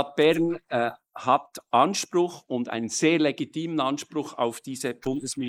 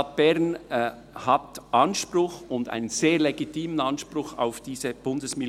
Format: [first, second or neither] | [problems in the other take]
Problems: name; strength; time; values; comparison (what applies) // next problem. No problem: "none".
second | noise reduction (neural mask model Resemble Enhance denoiser)